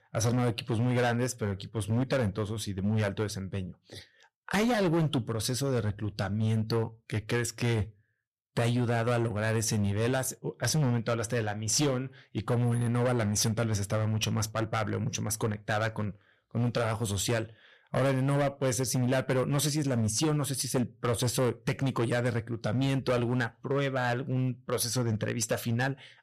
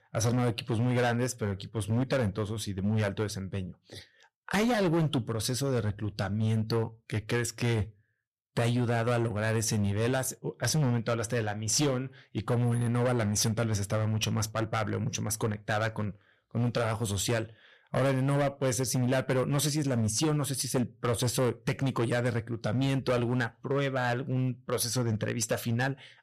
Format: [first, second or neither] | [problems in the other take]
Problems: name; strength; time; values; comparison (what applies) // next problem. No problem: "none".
neither | distortion; slight; 12% of the sound clipped; the same in both